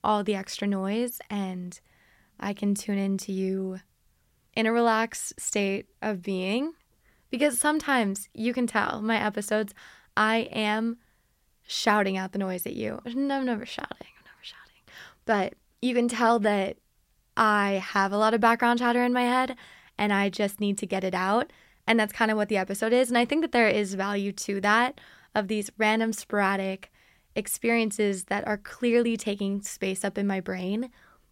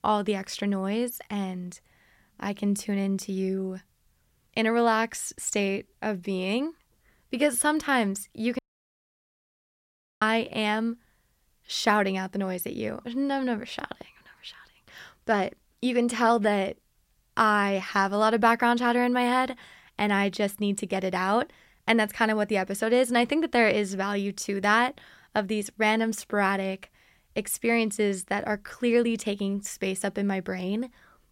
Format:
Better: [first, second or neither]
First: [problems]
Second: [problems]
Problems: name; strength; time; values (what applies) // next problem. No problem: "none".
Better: first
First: none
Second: audio cutting out; at 8.5 s for 1.5 s